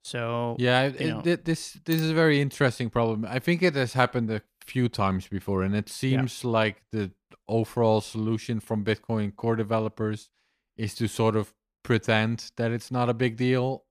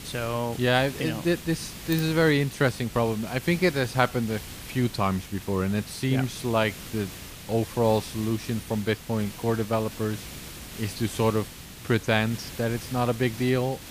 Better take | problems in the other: first | hiss; noticeable; throughout; 15 dB below the speech

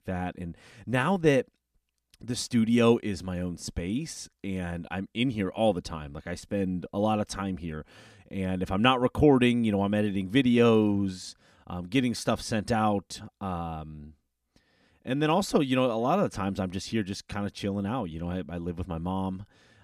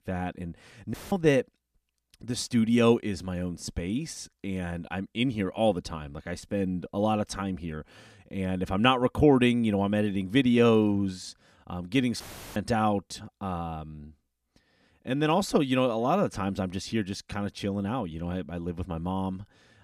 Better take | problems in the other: first | audio cutting out; filled with static; at 1 s and at 12 s

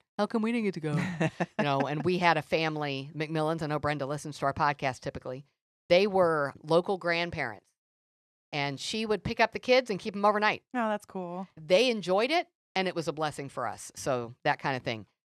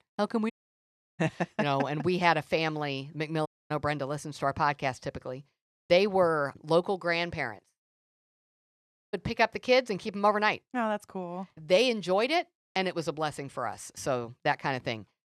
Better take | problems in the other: first | audio cutting out; at 0.5 s for 0.5 s, at 3.5 s and at 8.5 s for 1 s

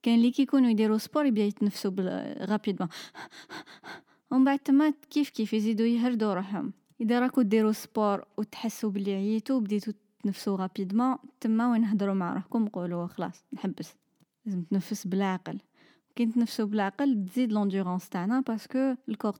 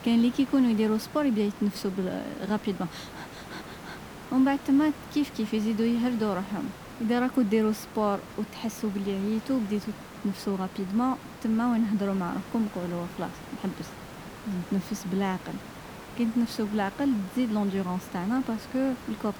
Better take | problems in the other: first | hiss; noticeable; throughout; 15 dB below the speech

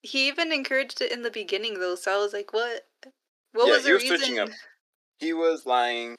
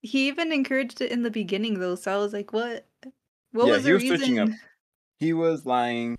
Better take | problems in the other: second | thin; somewhat; fading below 350 Hz

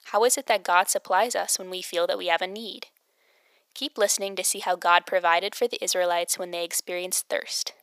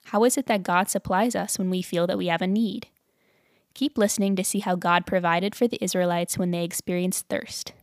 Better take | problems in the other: second | thin; very; fading below 500 Hz

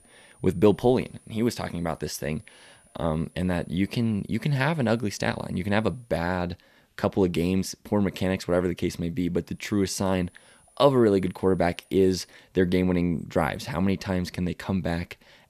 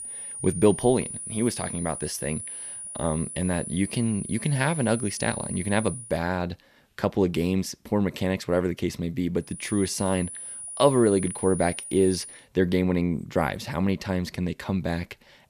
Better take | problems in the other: first | high-pitched whine; loud; until 6 s and from 9.5 to 12 s; 9.5 kHz, 8 dB below the speech; faint in the first

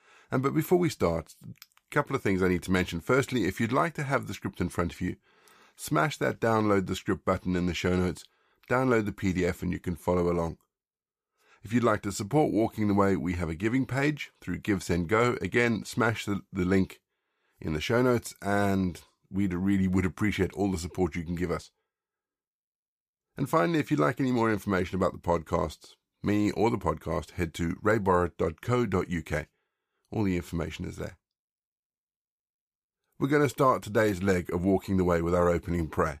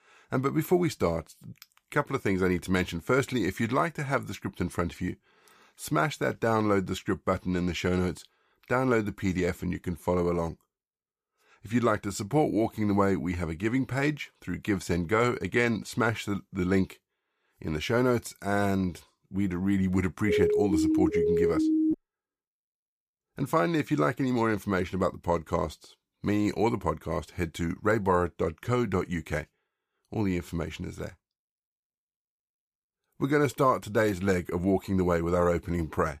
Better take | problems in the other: first | siren; loud; from 20 to 22 s; peak 3 dB above the speech

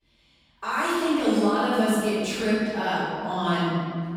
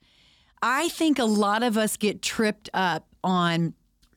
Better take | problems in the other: second | off-mic speech; far // room echo; strong; dies away in 2 s

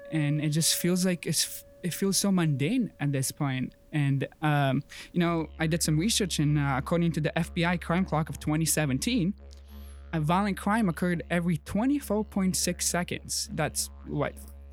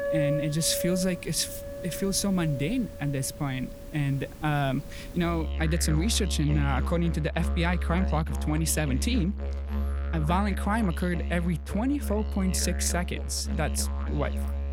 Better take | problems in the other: first | background music; loud; throughout; 4 dB below the speech; faint in the first

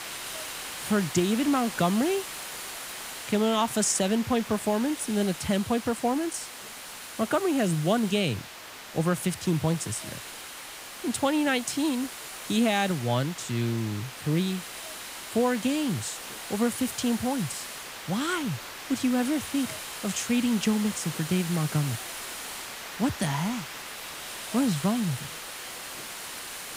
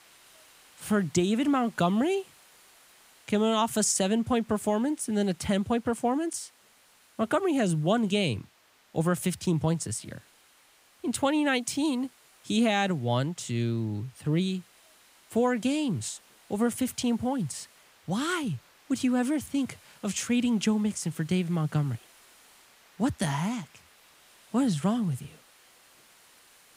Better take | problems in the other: second | hiss; loud; throughout; 9 dB below the speech; faint in the second

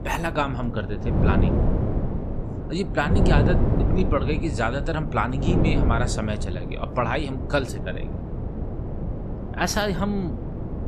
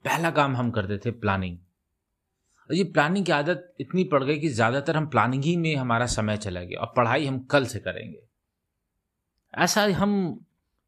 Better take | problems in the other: second | wind noise on the microphone; heavy; 6 dB below the speech

